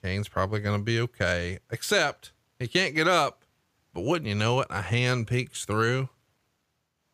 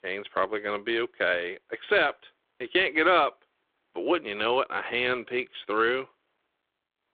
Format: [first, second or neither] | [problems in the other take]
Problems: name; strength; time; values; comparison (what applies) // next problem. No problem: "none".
first | phone-call audio